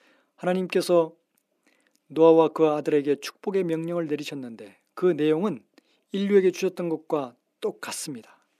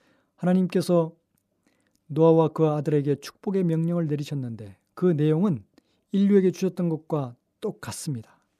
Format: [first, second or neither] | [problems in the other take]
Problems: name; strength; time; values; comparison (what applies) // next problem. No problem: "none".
second | thin; somewhat; fading below 250 Hz